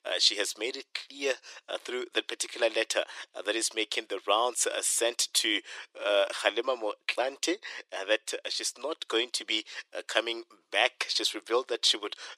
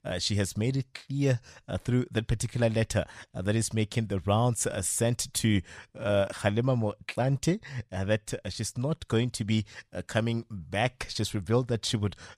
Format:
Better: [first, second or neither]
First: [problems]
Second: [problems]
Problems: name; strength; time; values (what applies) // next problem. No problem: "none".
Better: second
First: thin; very; fading below 350 Hz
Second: none